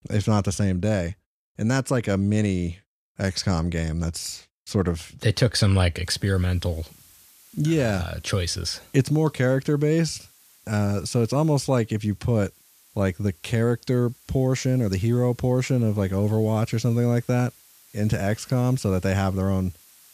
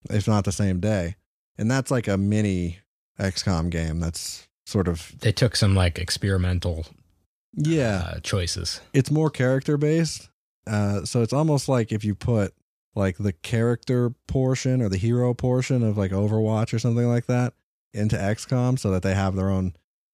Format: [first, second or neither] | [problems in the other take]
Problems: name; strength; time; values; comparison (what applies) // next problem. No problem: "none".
second | hiss; faint; from 6 s on; 25 dB below the speech